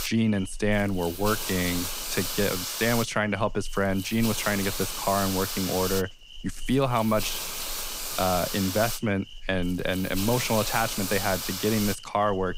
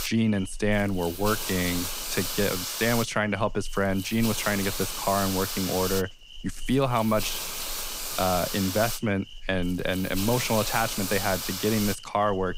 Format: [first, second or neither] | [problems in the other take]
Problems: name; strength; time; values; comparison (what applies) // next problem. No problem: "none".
neither | hiss; loud; throughout; 4 dB below the speech; the same in both